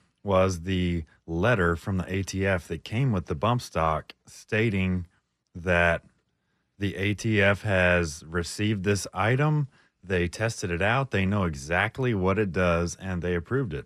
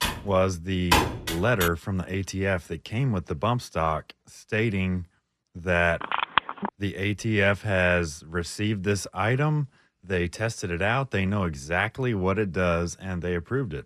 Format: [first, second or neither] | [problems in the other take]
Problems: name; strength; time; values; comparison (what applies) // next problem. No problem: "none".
first | keyboard typing; loud; until 1.5 s; peak 4 dB above the speech // phone ringing; loud; at 6 s; peak 2 dB above the speech